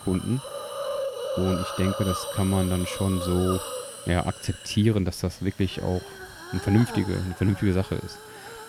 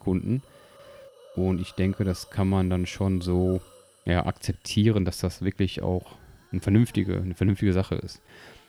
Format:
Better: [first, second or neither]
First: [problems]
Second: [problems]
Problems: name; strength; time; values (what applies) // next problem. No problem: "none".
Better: second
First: hiss; loud; throughout; 8 dB below the speech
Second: hiss; faint; throughout; 25 dB below the speech